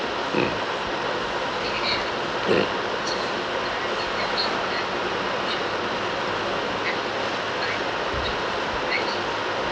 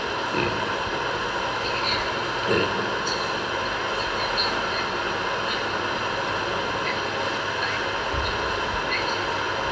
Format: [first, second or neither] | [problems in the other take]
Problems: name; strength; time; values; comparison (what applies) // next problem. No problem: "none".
first | room echo; dies away in 2.9 s